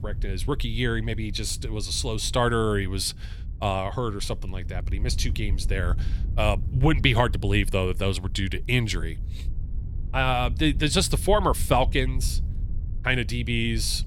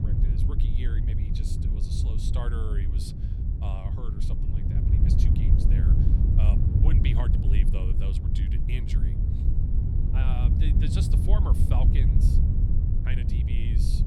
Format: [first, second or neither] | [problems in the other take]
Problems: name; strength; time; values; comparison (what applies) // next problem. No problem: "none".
first | wind noise on the microphone; heavy; 2 dB above the speech; occasional gusts in the first